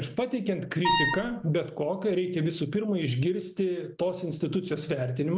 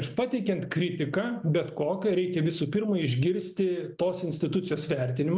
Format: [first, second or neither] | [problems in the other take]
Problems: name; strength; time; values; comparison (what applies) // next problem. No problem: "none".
second | background sound (Wind instrument, woodwind instrument); 1 dB above the speech